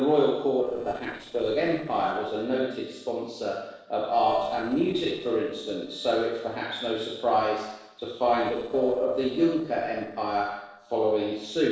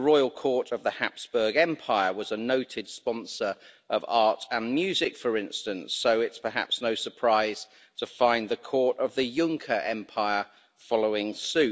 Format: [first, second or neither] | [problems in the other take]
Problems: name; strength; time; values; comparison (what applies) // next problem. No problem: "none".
second | noise reduction (neural separator model SepFormer DNS4)